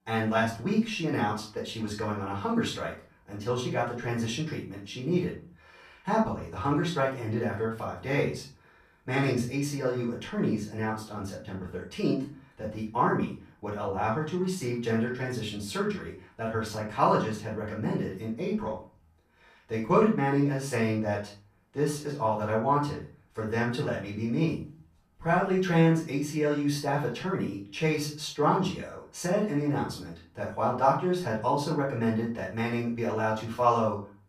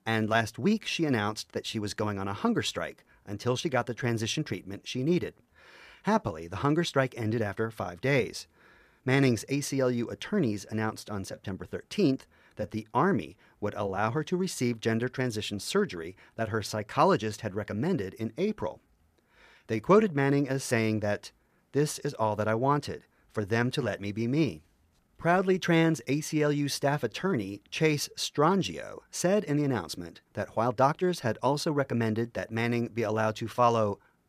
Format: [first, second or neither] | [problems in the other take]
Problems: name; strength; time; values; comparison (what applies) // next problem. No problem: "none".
second | off-mic speech; far // room echo; slight; dies away in 0.3 s